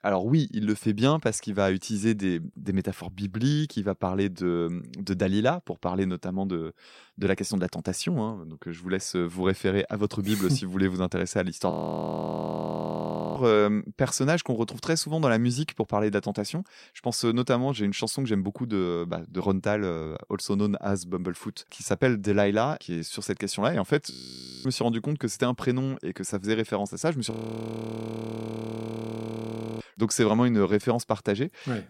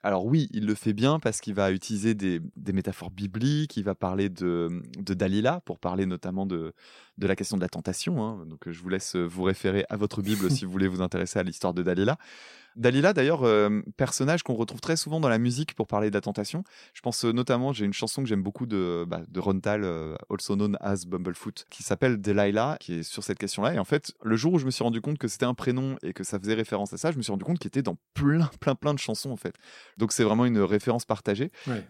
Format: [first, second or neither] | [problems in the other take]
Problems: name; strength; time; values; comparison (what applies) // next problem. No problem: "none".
second | audio freezing; at 12 s for 1.5 s, at 24 s for 0.5 s and at 27 s for 2.5 s